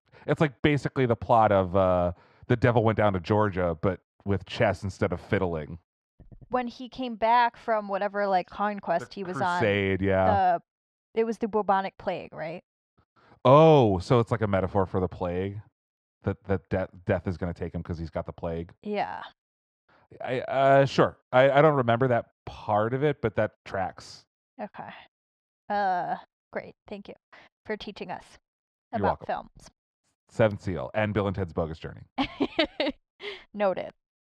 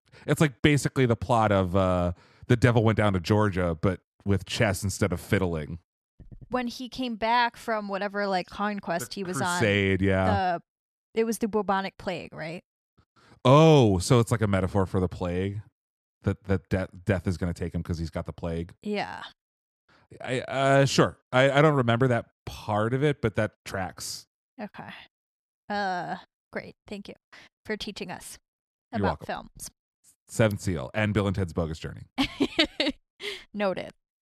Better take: second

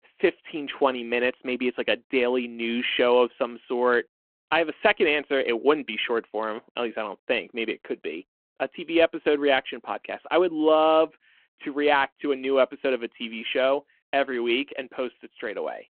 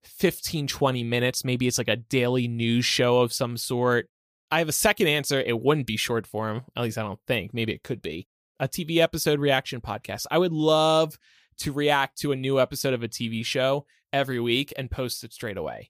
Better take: second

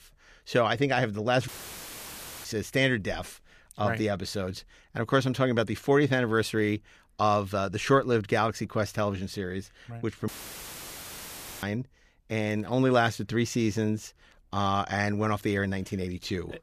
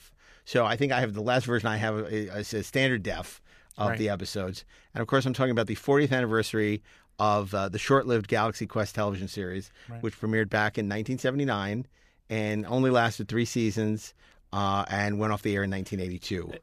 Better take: second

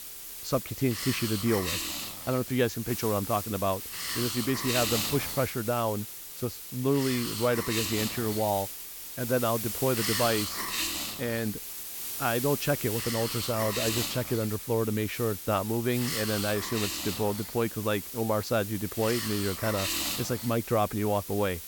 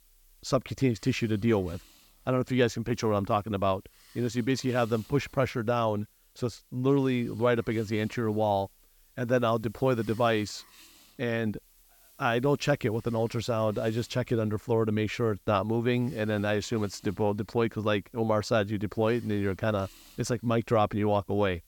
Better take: second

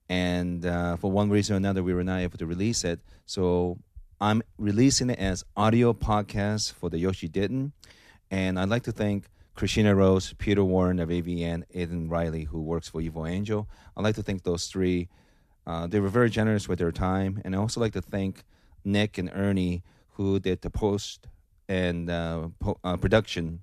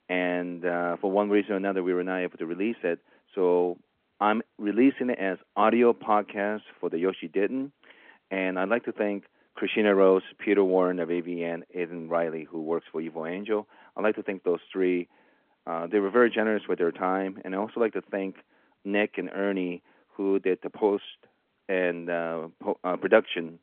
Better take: first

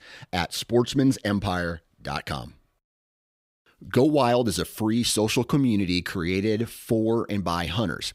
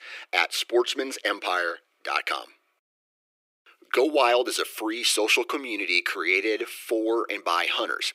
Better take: first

